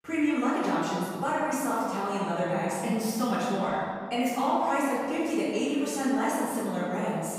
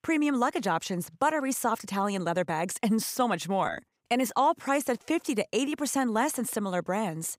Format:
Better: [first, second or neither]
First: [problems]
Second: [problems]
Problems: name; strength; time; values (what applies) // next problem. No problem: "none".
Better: second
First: off-mic speech; far // room echo; strong; dies away in 1.7 s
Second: none